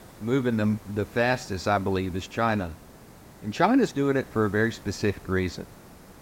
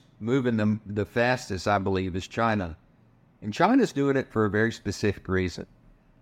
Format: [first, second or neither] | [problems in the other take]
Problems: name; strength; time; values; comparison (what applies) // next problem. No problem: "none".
second | hiss; faint; throughout; 20 dB below the speech